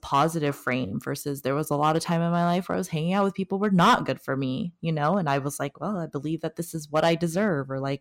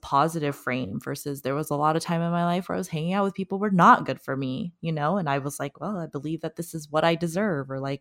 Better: second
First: distortion; slight; 1.7% of the sound clipped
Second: none

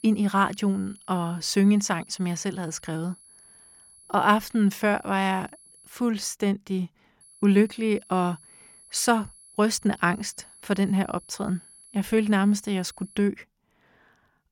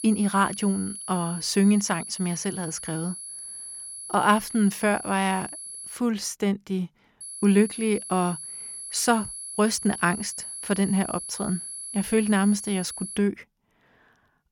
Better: first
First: high-pitched whine; faint; until 6 s and from 7 to 13 s; 11 kHz, 25 dB below the speech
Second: high-pitched whine; loud; until 6 s and from 7 to 13 s; 11 kHz, 9 dB below the speech

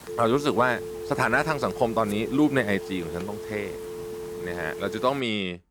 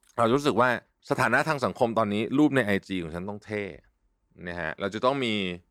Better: second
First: phone ringing; noticeable; until 5 s; peak 8 dB below the speech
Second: none

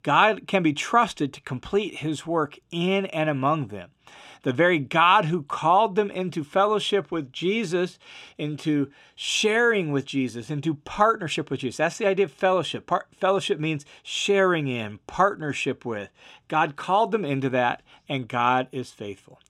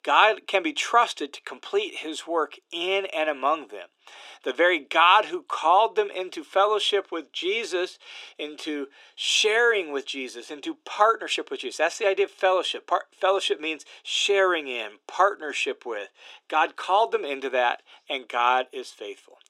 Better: first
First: none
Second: thin; very; fading below 350 Hz

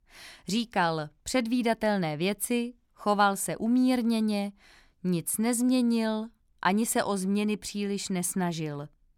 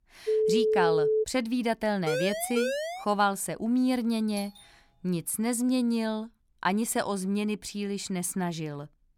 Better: first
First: none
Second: phone ringing; loud; at 0.5 s; peak 4 dB above the speech // siren; noticeable; at 2 s; peak 1 dB below the speech // doorbell; faint; at 4.5 s; peak 15 dB below the speech

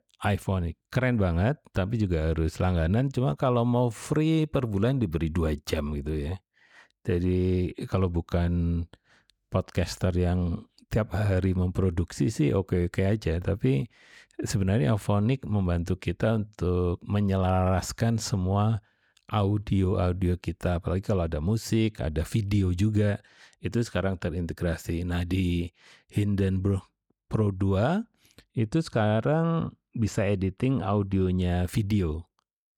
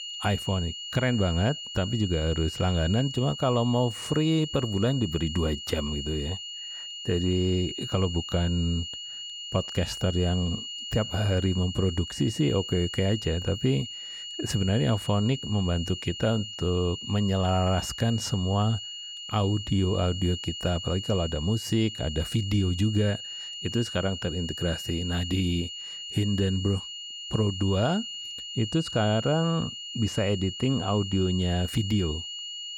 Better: first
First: none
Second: high-pitched whine; loud; throughout; 3 kHz, 8 dB below the speech

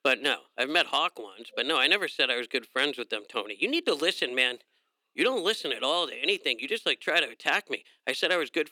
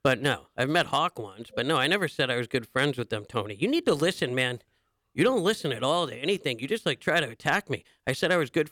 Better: second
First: thin; very slightly; fading below 250 Hz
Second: none

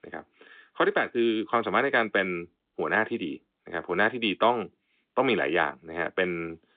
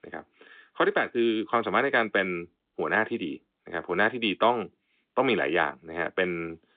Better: neither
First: phone-call audio; nothing above 3.5 kHz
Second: phone-call audio; nothing above 3.5 kHz

